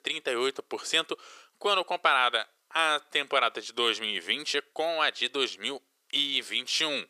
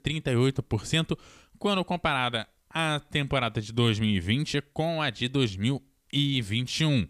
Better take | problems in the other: second | thin; very; fading below 400 Hz

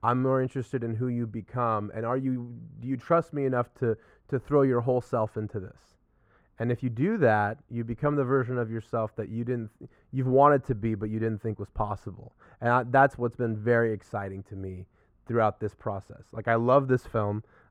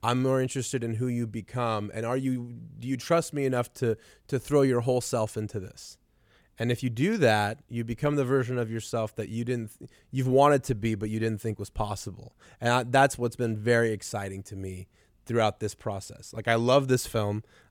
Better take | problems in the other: second | muffled; very; fading above 2.5 kHz

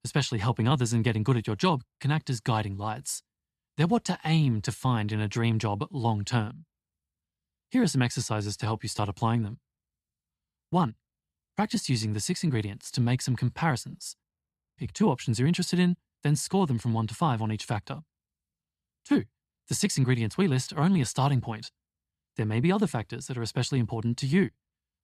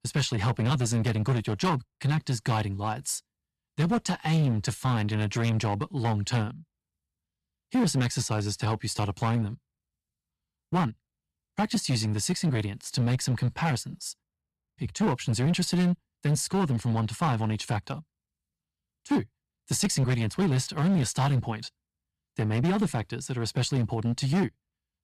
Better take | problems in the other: first | distortion; slight; 8% of the sound clipped

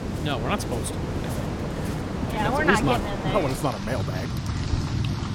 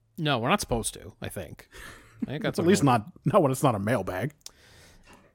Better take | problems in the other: second | rain or running water; very loud; throughout; 1 dB above the speech

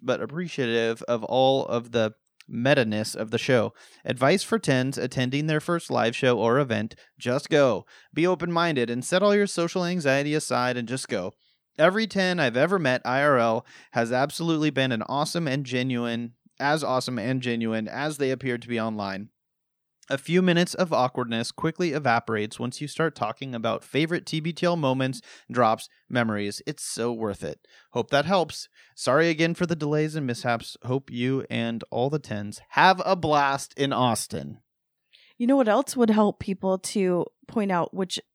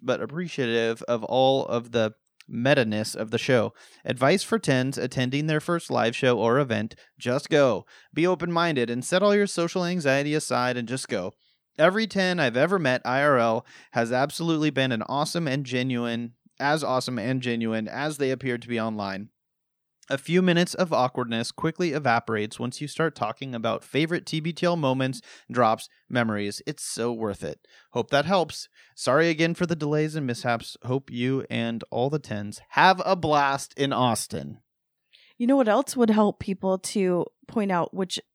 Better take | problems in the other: neither | none

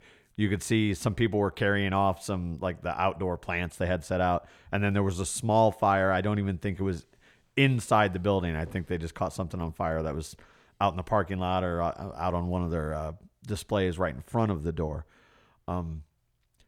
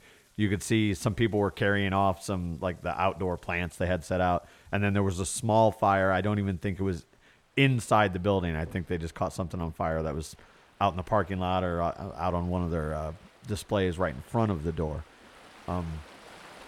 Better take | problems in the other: first | rain or running water; faint; throughout; 30 dB below the speech

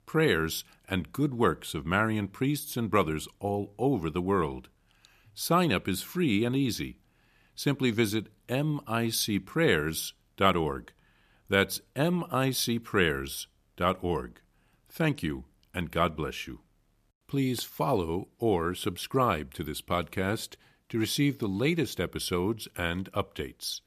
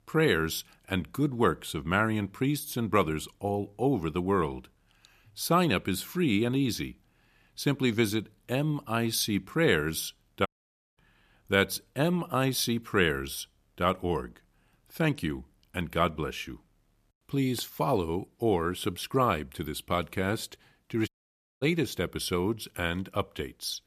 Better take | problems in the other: first | audio cutting out; at 10 s for 0.5 s and at 21 s for 0.5 s

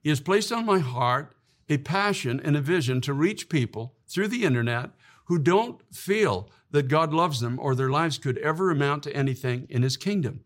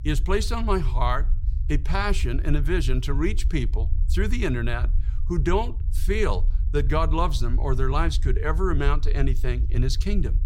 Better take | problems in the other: first | low rumble; noticeable; throughout; 20 dB below the speech

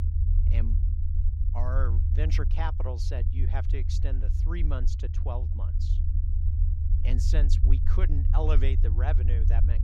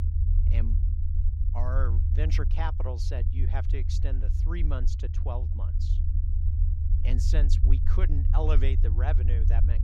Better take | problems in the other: neither | low rumble; loud; throughout; 6 dB below the speech; the same in both

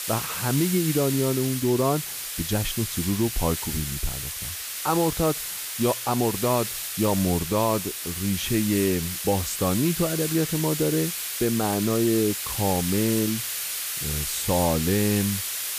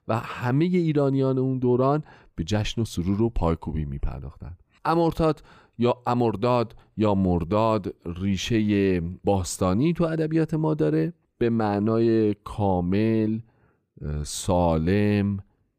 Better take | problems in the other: second | hiss; loud; throughout; 3 dB below the speech

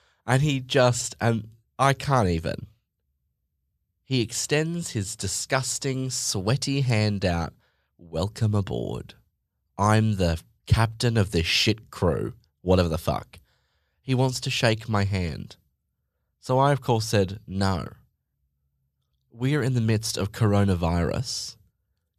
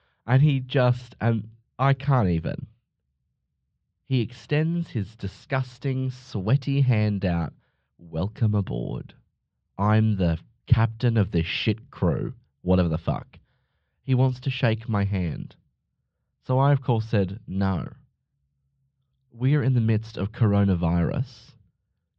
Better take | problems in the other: first | muffled; slightly; fading above 3.5 kHz

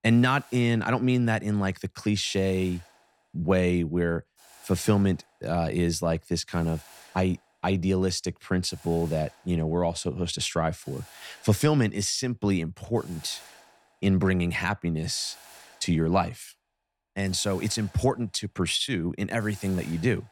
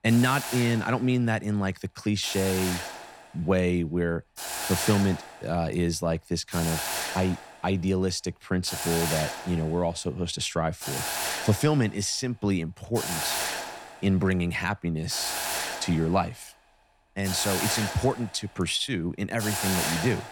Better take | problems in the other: first | hiss; loud; throughout; 3 dB below the speech; faint in the first

